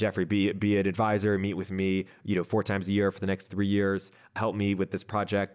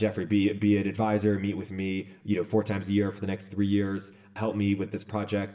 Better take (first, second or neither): first